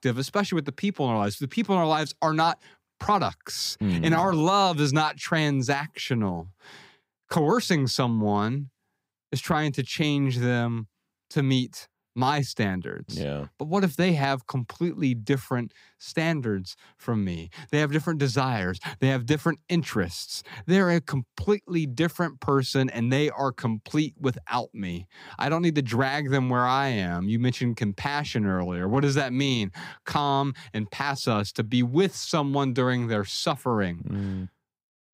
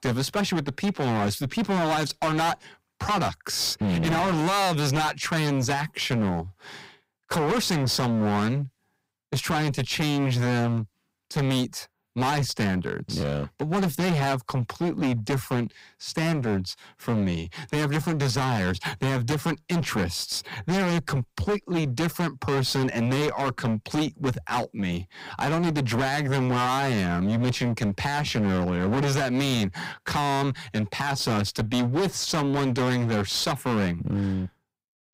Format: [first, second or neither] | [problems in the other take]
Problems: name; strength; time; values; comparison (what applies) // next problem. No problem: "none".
first | distortion; heavy; 25% of the sound clipped